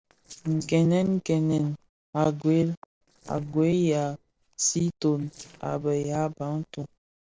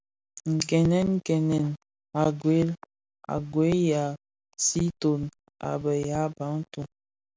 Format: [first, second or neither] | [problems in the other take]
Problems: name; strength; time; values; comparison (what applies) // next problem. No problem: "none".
second | noise reduction (neural separator model SepFormer DNS4)